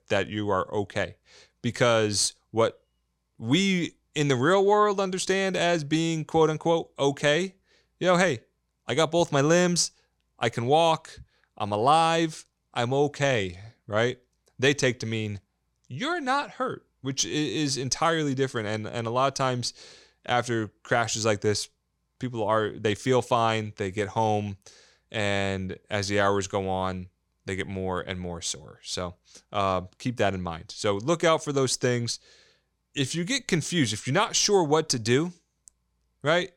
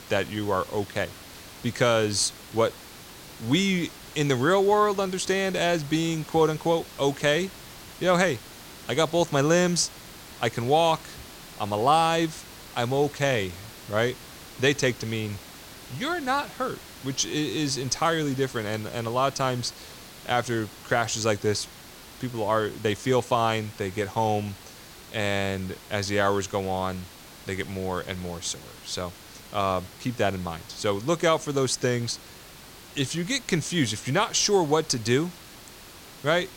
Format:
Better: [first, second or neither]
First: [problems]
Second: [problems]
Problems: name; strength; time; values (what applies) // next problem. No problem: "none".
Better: first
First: none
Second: hiss; noticeable; throughout; 15 dB below the speech